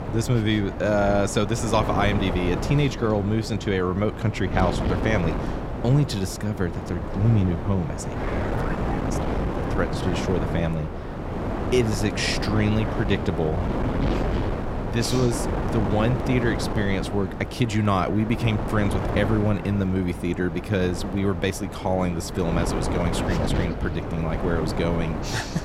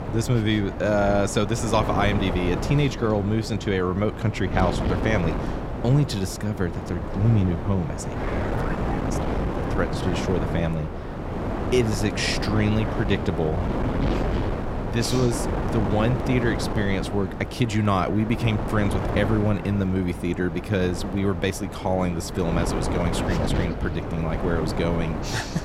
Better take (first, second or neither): neither